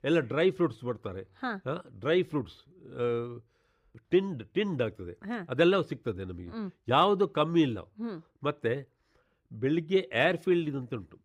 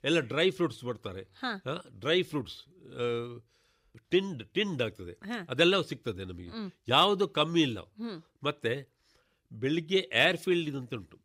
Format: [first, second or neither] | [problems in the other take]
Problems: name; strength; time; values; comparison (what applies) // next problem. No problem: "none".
second | muffled; slightly; fading above 2.5 kHz